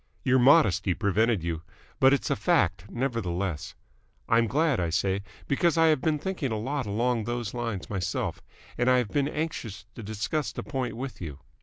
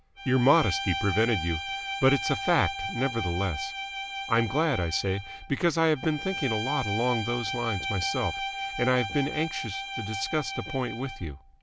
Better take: first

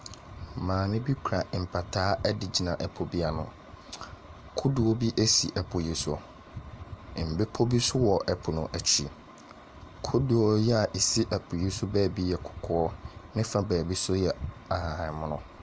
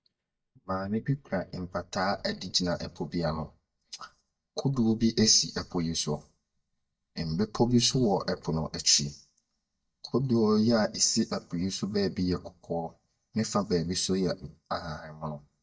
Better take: first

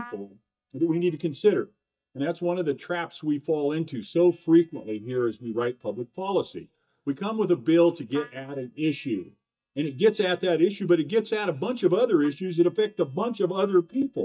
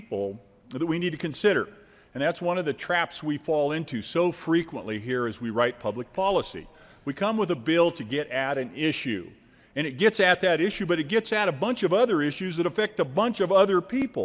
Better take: second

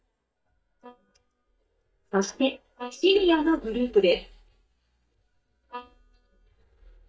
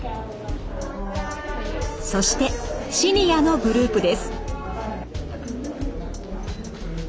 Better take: second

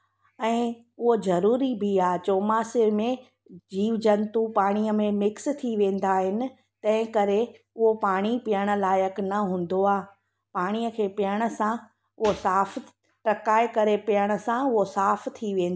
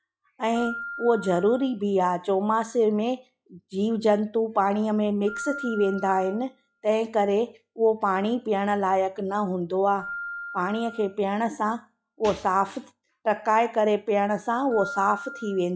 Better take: first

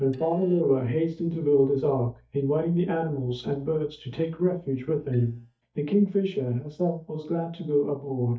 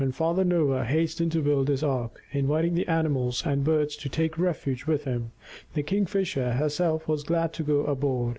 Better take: second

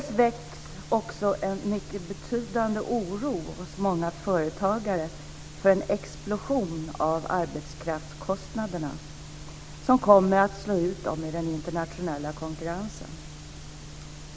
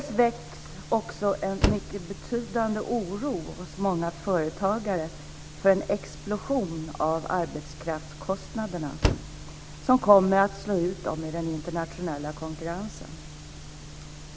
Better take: first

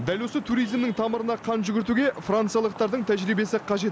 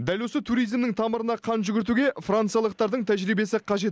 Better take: second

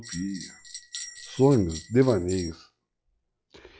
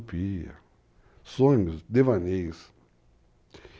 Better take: second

